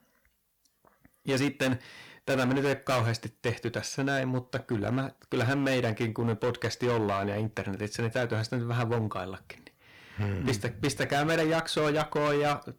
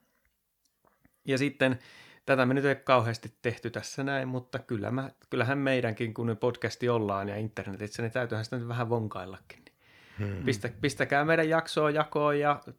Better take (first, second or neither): second